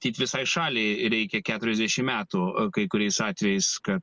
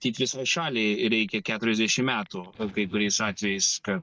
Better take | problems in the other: first | noise reduction (neural mask model DeepFilterNet 3)

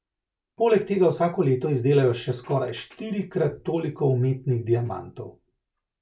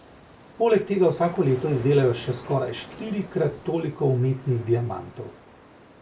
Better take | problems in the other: first | background sound (Ocean); 19 dB below the speech

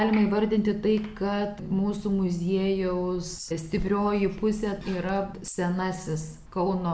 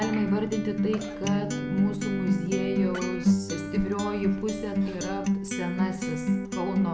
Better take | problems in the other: first | background sound (Acoustic guitar); 3 dB above the speech

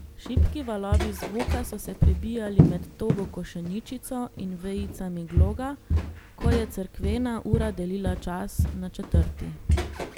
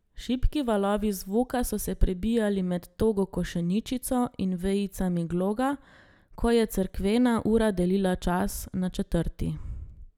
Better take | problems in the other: second | background sound (Walk, footsteps); 5 dB above the speech

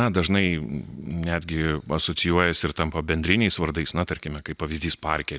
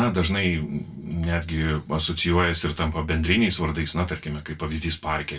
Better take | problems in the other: first | room echo; dies away in 0.2 s

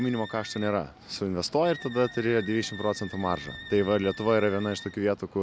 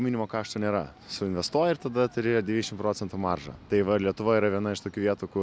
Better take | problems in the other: second | background sound (Wind instrument, woodwind instrument); 16 dB below the speech

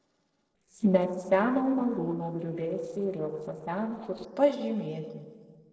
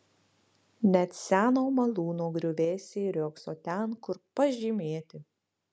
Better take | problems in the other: second | noise reduction (neural separator model SepFormer DNS4)

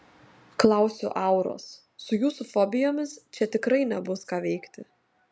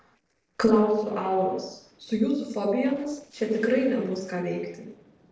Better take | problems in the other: first | noise reduction (neural separator model SepFormer DNS4)

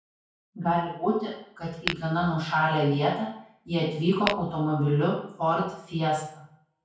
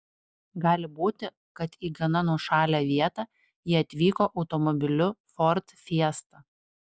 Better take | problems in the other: second | background sound (Tap / Glass); 8 dB below the speech // room echo; dies away in 0.5 s

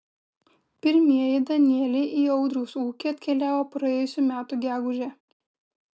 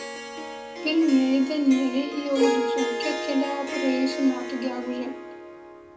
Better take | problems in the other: first | background sound (Harp); 5 dB below the speech // room echo; dies away in 0.2 s

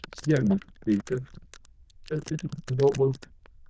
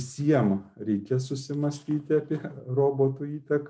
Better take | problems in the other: second | noise reduction (neural diffusion model UNIVERSE++)

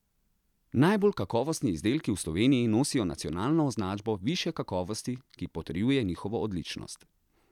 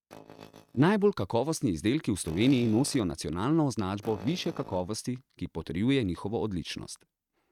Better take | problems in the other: first | noise reduction (neural mask model RNNoise)

